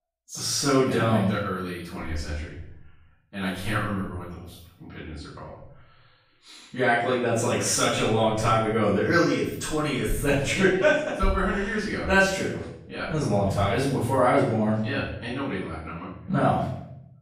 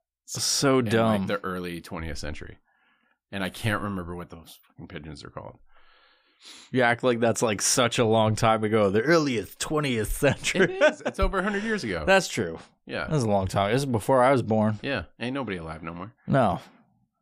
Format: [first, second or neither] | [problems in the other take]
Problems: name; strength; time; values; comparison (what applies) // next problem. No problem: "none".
second | off-mic speech; far // room echo; noticeable; dies away in 0.7 s